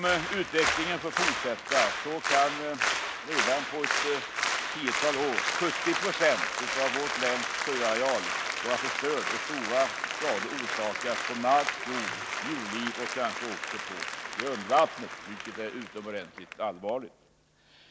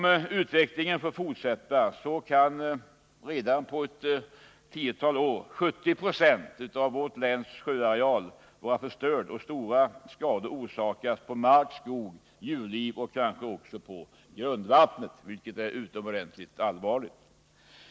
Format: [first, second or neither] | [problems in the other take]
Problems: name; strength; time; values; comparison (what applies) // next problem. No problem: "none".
second | background sound (Applause); 1 dB below the speech